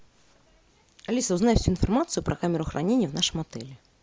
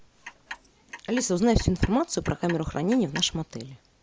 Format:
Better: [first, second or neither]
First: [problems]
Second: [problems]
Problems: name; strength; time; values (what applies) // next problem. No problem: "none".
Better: first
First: none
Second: background sound (Clock); 16 dB below the speech